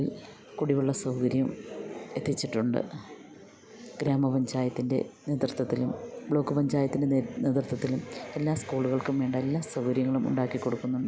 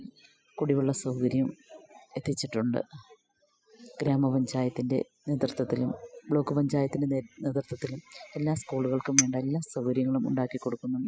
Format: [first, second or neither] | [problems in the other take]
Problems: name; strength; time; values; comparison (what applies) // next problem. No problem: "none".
first | noise reduction (classical method spectral subtraction)